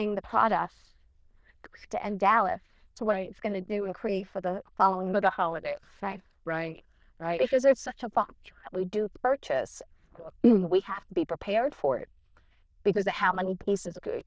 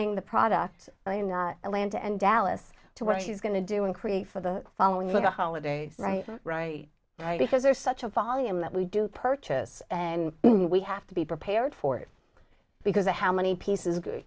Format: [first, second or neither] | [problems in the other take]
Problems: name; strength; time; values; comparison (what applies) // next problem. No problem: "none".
second | noise reduction (neural diffusion model UNIVERSE++)